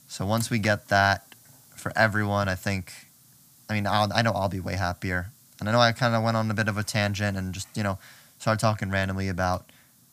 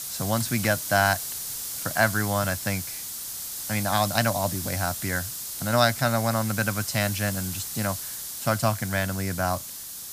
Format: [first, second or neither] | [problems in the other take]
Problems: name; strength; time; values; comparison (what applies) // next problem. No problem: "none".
first | hiss; loud; throughout; 5 dB below the speech; faint in the first